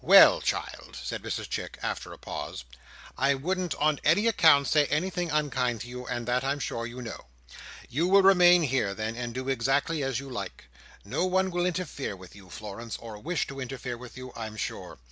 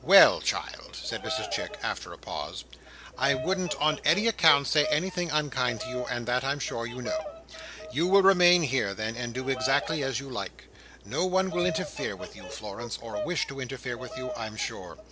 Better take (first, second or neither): first